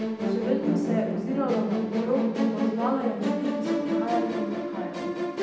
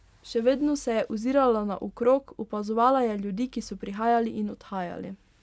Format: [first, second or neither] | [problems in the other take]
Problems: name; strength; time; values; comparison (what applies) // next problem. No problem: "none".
second | background sound (Musical instrument); 3 dB above the speech // room echo; dies away in 0.8 s